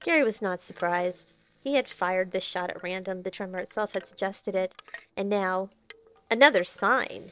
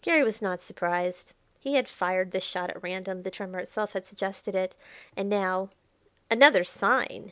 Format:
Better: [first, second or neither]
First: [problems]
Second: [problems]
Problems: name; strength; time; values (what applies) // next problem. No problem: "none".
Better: second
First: noise reduction (neural separator model SepFormer DNS4)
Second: none